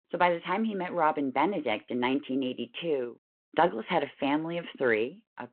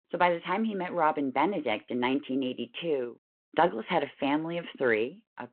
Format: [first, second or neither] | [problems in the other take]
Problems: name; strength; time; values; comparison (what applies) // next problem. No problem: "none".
neither | phone-call audio; the same in both